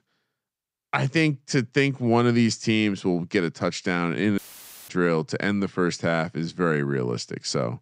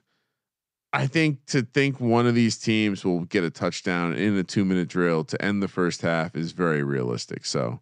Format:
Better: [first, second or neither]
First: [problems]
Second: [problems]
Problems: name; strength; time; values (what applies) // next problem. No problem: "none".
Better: second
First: audio cutting out; filled with static; at 4.5 s for 0.5 s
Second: none